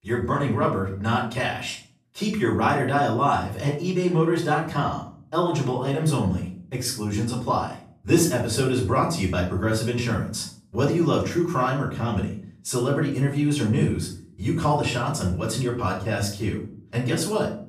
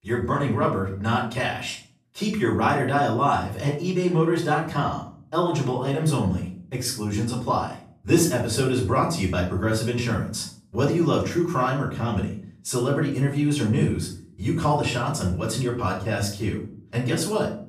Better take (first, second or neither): neither